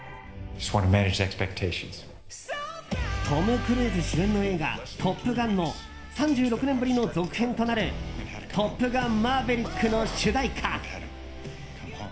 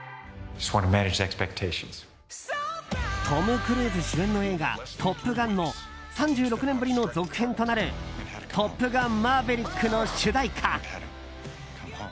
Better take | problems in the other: second | background sound (Writing); 20 dB below the speech // room echo; dies away in 1.6 s

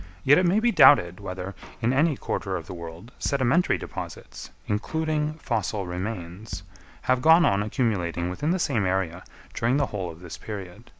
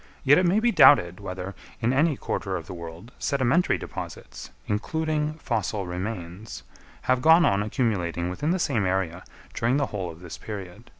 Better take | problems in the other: second | background sound (Drum kit); 20 dB below the speech

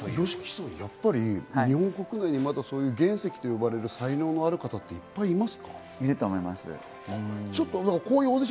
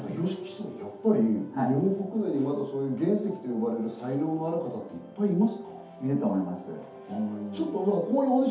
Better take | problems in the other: first | room echo; dies away in 0.6 s

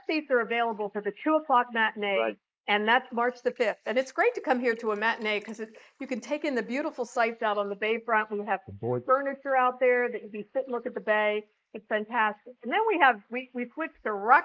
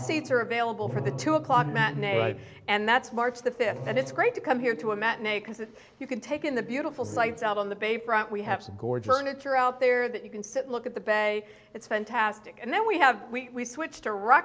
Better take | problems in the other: second | noise reduction (neural mask model Resemble Enhance denoiser)

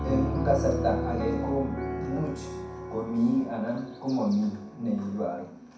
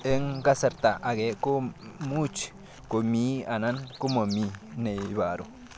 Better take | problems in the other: second | background sound (Piano); 4 dB below the speech // room echo; dies away in 0.6 s

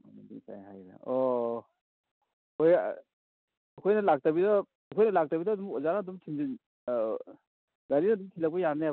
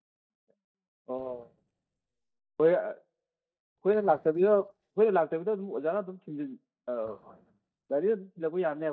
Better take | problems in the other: first | noise reduction (neural mask model DeepFilterNet 3)

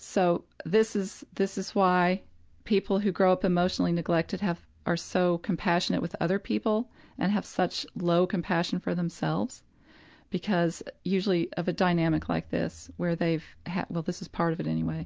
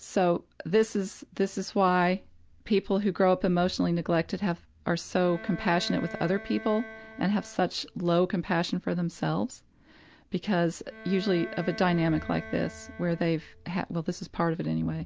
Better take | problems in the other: first | background sound (Bowed string instrument); 17 dB below the speech

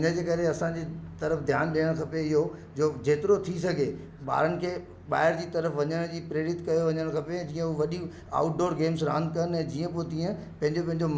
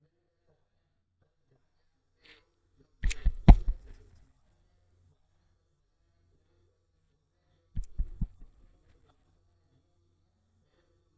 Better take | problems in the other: first | noise reduction (neural mask model DeepFilterNet 3)

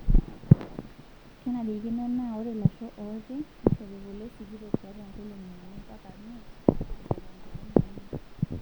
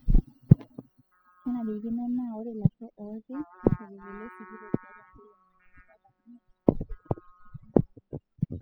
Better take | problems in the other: first | noise reduction (classical method spectral subtraction)

